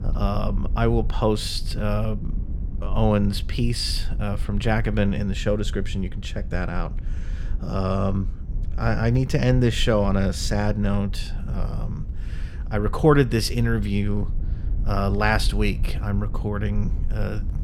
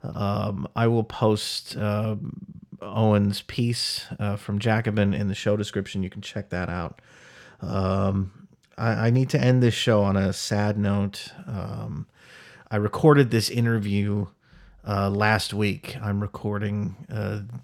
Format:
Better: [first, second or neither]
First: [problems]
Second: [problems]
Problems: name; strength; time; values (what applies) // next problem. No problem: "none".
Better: second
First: low rumble; faint; throughout; 20 dB below the speech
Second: none